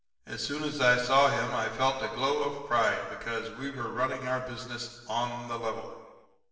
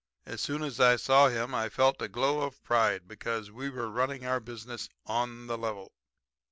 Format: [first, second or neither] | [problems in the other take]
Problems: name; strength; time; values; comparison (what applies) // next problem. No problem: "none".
second | room echo; dies away in 1.2 s